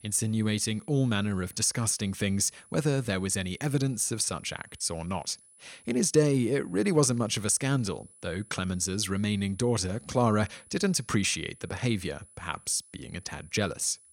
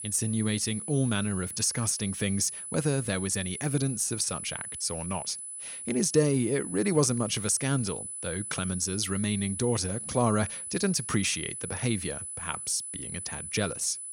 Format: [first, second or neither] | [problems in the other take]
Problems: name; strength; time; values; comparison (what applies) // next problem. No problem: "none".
first | high-pitched whine; loud; throughout; 10 kHz, 7 dB below the speech; faint in the first